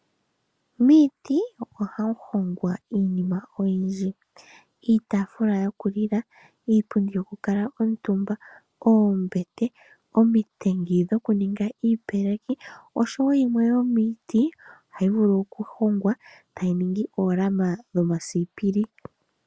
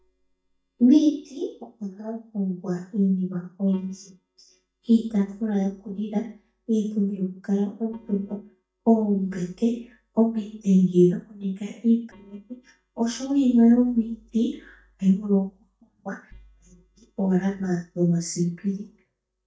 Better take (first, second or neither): first